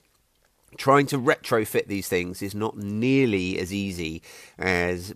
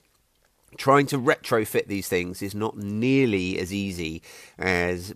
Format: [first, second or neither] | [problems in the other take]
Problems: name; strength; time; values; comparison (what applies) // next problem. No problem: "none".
neither | none